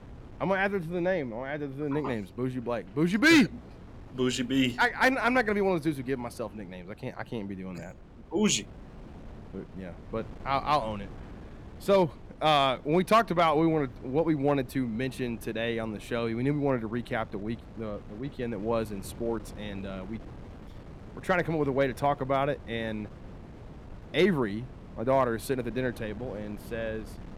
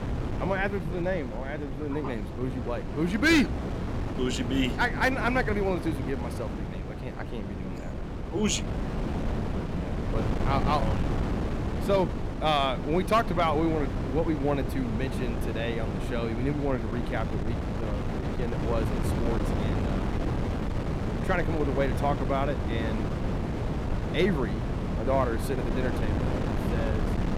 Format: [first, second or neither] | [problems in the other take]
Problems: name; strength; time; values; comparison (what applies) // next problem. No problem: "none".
first | wind noise on the microphone; heavy; 7 dB below the speech; occasional gusts in the first